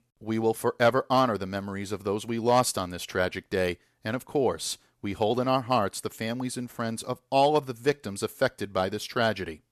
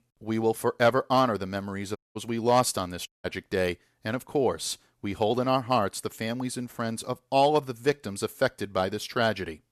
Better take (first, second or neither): first